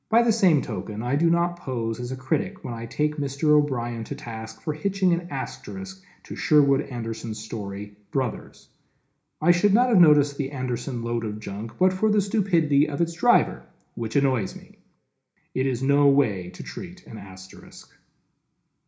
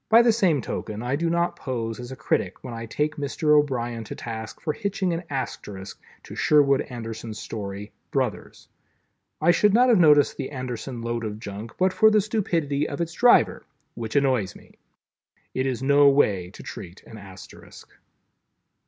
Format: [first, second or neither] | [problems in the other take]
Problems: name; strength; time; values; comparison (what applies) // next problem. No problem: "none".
second | room echo; dies away in 0.4 s